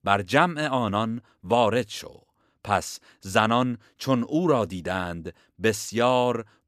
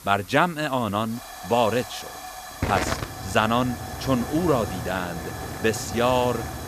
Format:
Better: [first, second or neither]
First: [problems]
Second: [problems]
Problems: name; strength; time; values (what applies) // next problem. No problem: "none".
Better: first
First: none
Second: hiss; loud; throughout; 8 dB below the speech